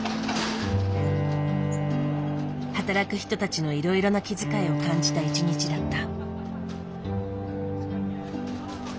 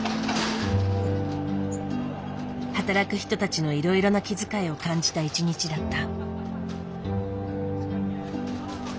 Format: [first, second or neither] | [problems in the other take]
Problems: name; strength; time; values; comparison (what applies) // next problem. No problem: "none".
second | background sound (Bowed string instrument); 3 dB below the speech